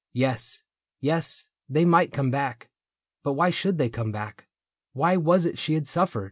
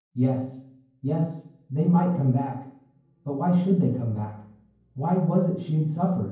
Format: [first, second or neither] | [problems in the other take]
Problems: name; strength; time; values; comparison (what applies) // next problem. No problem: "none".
first | room echo; dies away in 0.9 s